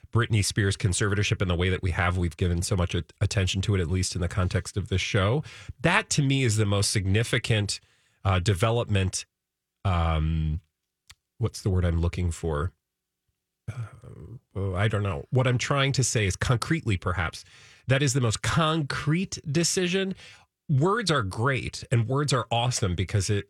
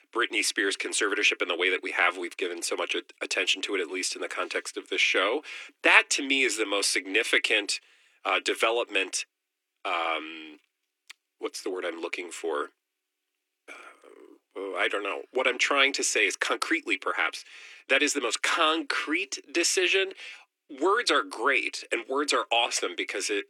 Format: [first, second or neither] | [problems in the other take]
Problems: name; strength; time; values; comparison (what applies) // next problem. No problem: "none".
first | thin; very; fading below 300 Hz